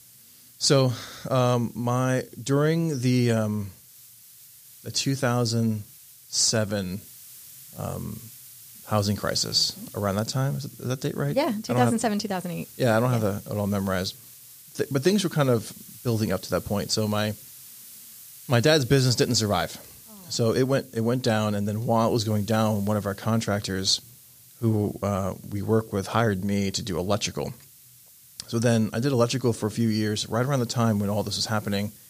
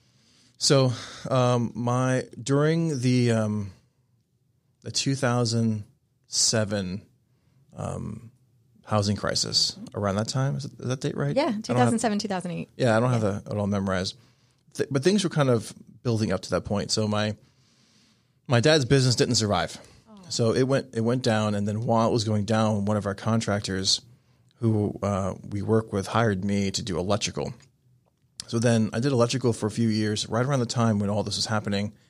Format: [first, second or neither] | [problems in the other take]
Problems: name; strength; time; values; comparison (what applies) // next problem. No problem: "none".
second | hiss; faint; throughout; 20 dB below the speech